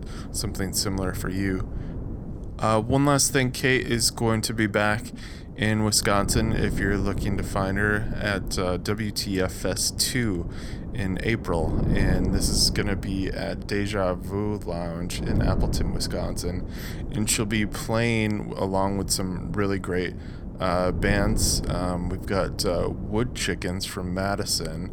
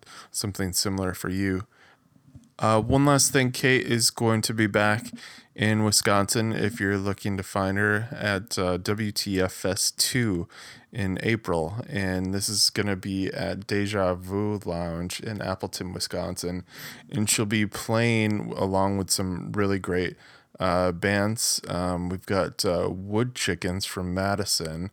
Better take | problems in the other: second | wind noise on the microphone; occasional gusts; 15 dB below the speech

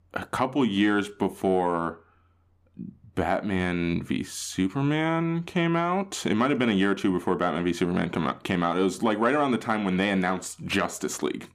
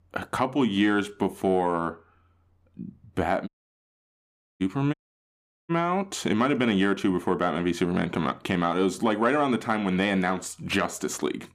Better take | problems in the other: first | audio cutting out; at 3.5 s for 1 s and at 5 s for 1 s

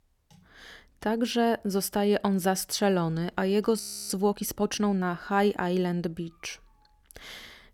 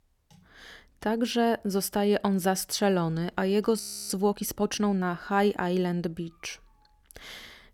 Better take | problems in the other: neither | audio freezing; at 4 s; the same in both

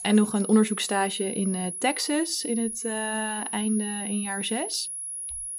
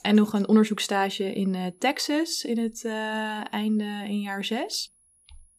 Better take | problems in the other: second | high-pitched whine; loud; throughout; 10.5 kHz, 5 dB below the speech; faint in the second

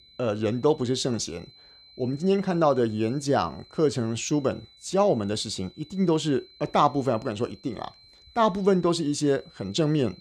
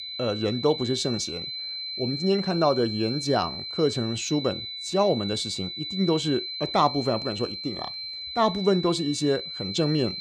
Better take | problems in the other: first | high-pitched whine; loud; throughout; 4 kHz, 6 dB below the speech; faint in the first

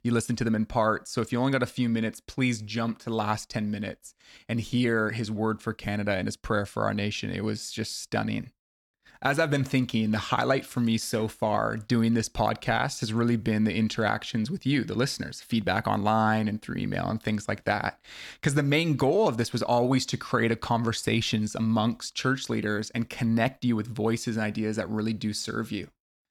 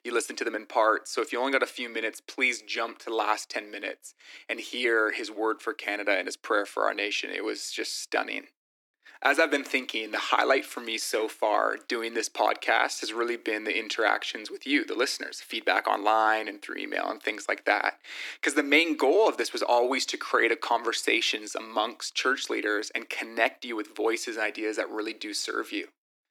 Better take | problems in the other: first | thin; very; fading below 300 Hz

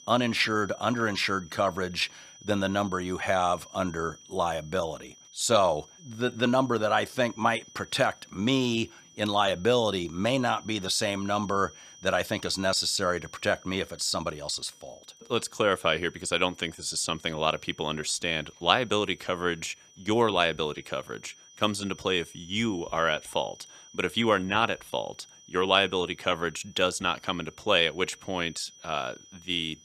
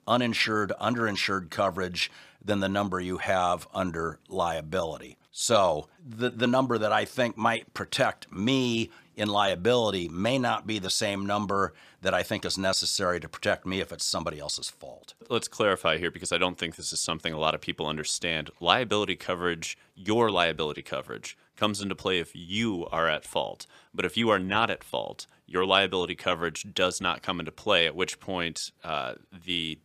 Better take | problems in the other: second | high-pitched whine; faint; throughout; 6 kHz, 25 dB below the speech

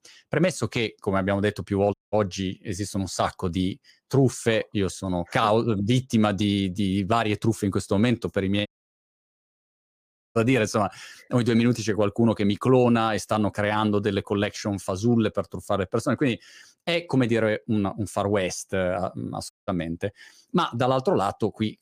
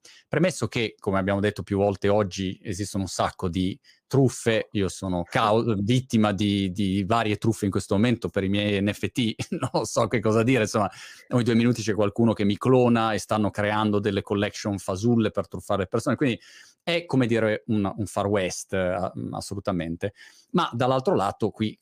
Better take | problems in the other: second | audio cutting out; at 2 s, at 8.5 s for 1.5 s and at 20 s

